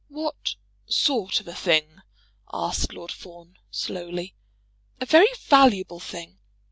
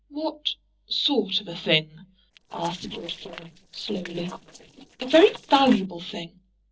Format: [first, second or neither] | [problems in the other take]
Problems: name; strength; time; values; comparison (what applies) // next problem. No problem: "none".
first | noise reduction (neural separator model SepFormer DNS4)